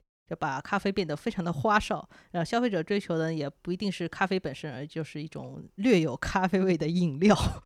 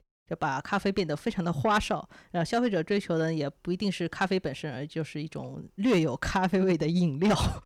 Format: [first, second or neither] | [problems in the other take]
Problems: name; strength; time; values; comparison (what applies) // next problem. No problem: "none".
first | distortion; slight; 10 dB below the speech